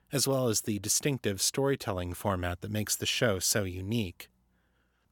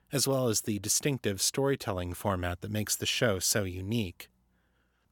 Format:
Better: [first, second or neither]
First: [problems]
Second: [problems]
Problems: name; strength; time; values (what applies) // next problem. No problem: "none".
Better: neither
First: none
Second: none